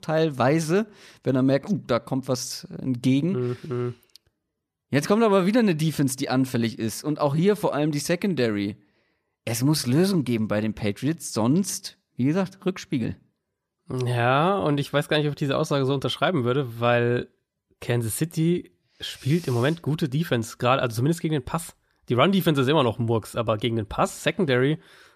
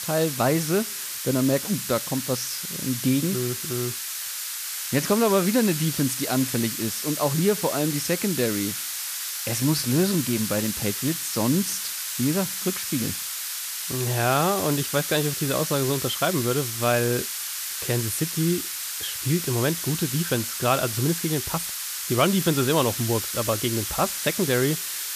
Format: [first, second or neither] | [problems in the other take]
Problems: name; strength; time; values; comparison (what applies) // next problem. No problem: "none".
first | hiss; loud; throughout; 3 dB below the speech